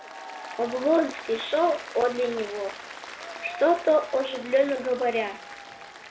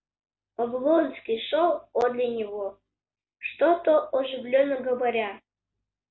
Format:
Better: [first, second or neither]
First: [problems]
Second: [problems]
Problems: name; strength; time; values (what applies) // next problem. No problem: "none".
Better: second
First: background sound (Applause); 13 dB below the speech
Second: none